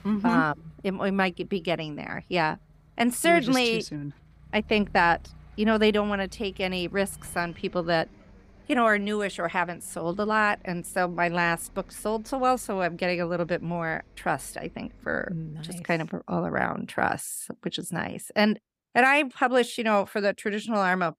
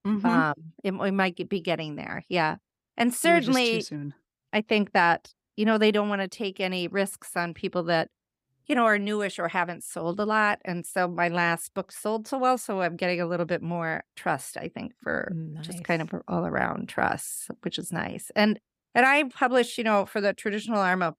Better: second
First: traffic noise; faint; until 16 s; 25 dB below the speech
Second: none

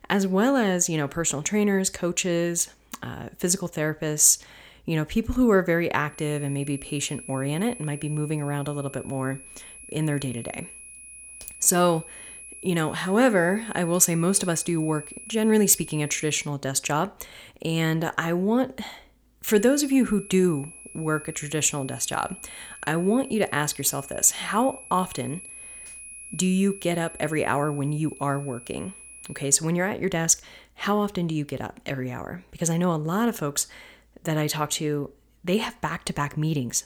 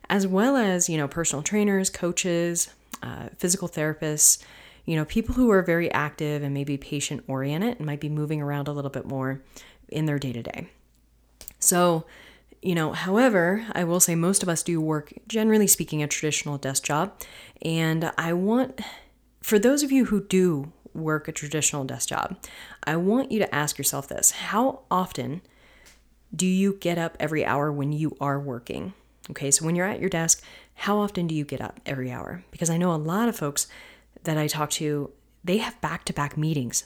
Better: second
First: high-pitched whine; noticeable; from 6 to 16 s and from 20 to 30 s; 11 kHz, 15 dB below the speech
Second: none

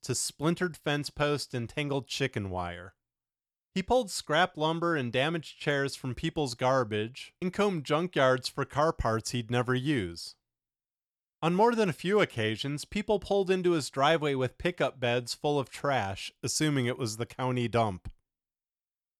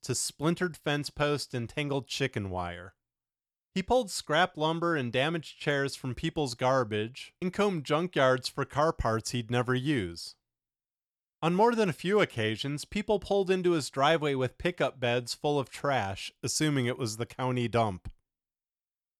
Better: neither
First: none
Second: none

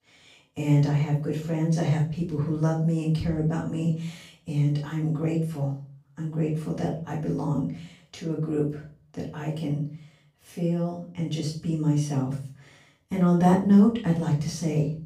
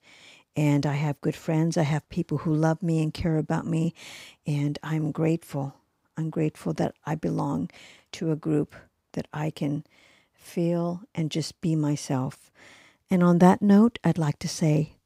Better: second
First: off-mic speech; far // room echo; slight; dies away in 0.4 s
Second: none

